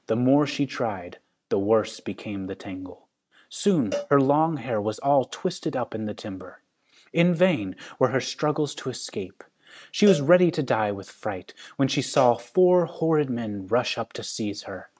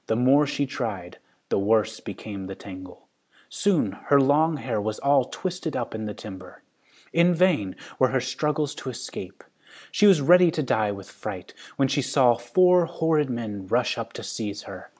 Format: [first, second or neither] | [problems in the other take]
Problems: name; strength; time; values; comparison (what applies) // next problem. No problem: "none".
second | noise reduction (neural mask model RNNoise)